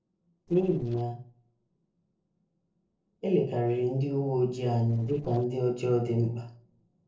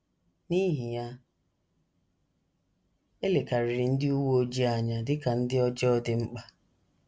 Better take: second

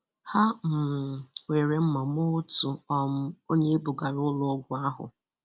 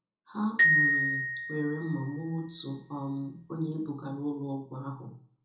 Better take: first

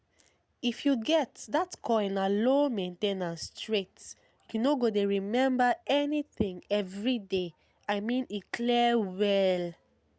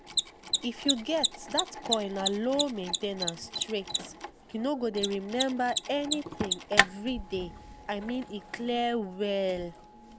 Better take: first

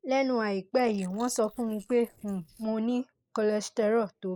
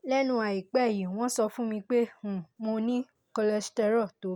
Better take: second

